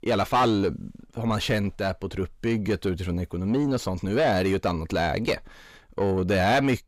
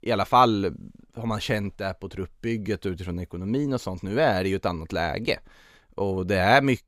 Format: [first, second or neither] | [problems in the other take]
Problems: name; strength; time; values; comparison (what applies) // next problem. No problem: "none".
second | distortion; heavy; 7 dB below the speech